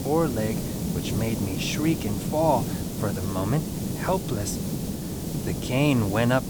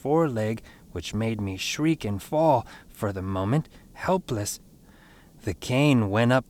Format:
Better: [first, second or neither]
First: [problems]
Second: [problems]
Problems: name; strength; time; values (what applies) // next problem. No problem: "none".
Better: second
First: hiss; loud; throughout; 3 dB below the speech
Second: hiss; faint; throughout; 30 dB below the speech